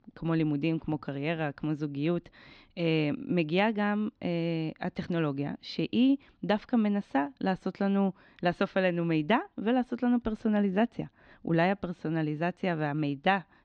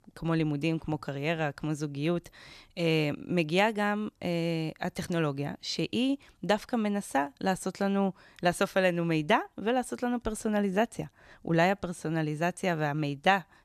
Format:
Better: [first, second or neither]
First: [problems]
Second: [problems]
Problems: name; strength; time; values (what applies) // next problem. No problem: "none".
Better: second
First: muffled; very slightly; fading above 4 kHz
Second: none